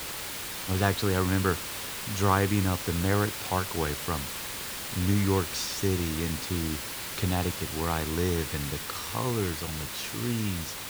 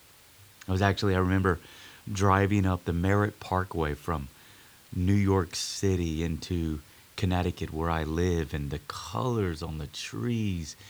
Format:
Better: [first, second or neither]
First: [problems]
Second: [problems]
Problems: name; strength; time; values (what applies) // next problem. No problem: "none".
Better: second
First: hiss; loud; throughout; 4 dB below the speech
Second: hiss; faint; throughout; 25 dB below the speech